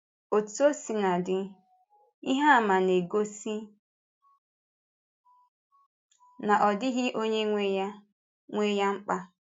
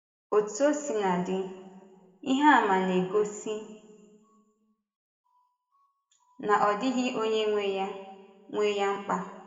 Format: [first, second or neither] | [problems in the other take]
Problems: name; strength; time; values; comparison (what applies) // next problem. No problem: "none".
first | room echo; dies away in 1.3 s